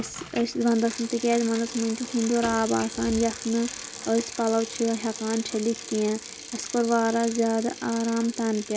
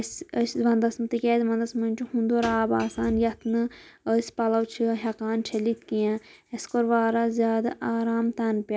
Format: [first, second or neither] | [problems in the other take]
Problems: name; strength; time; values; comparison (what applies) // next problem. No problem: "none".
second | background sound (Bicycle); 12 dB below the speech